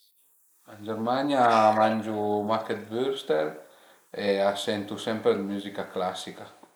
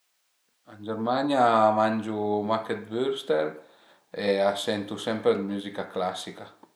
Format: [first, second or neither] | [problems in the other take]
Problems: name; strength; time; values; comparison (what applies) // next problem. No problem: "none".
second | noise reduction (neural mask model Resemble Enhance denoiser)